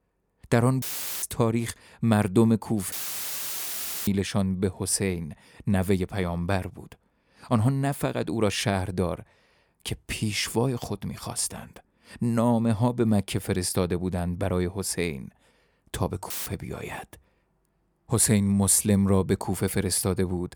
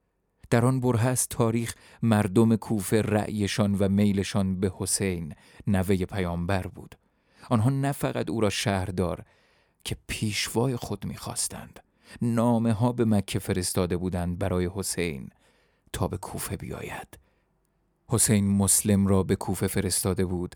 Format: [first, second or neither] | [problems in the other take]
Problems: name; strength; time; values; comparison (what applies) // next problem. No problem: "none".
second | audio cutting out; filled with static; at 1 s, at 3 s for 1 s and at 16 s